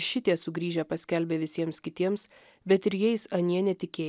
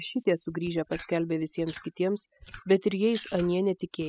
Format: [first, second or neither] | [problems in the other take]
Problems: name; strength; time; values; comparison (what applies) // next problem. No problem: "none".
first | noise reduction (classical method spectral subtraction)